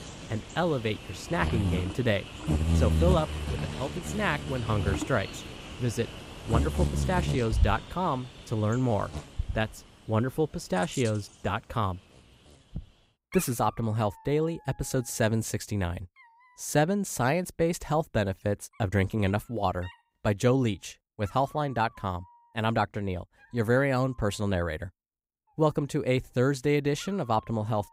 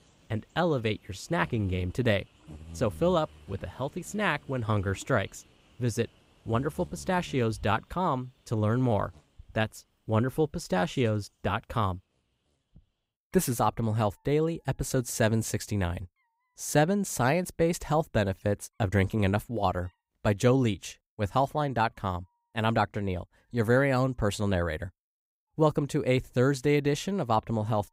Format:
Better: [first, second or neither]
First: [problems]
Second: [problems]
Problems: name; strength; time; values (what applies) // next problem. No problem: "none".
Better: second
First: animal sounds; loud; throughout; 4 dB below the speech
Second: animal sounds; faint; throughout; 25 dB below the speech